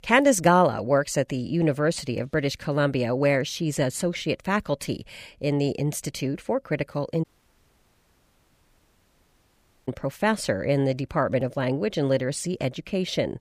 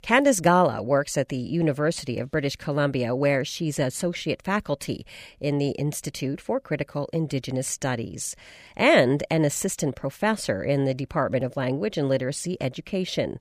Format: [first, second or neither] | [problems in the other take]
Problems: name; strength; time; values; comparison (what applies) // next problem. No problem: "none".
second | audio cutting out; at 7 s for 2.5 s